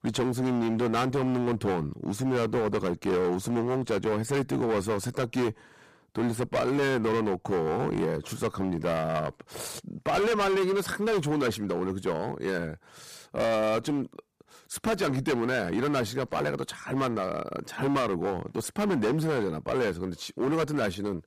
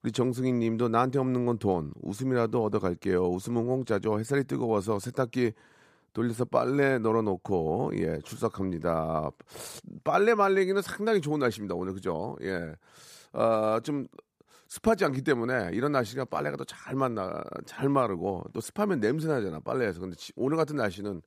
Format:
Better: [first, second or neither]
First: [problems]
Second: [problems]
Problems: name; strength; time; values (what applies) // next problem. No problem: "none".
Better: second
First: distortion; heavy; 17% of the sound clipped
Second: none